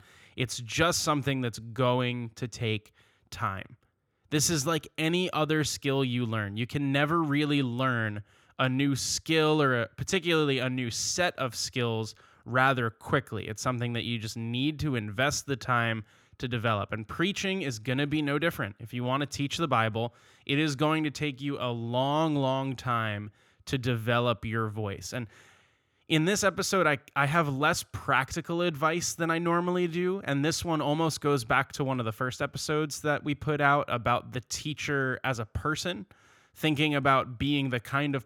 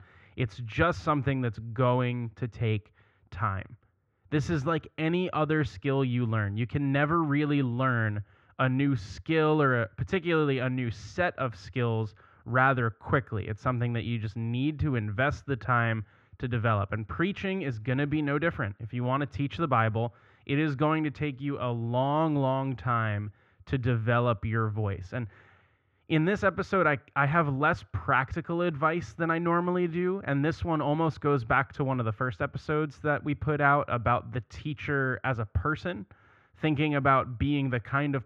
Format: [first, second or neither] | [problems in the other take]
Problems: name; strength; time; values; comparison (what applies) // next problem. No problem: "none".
first | muffled; very; fading above 2 kHz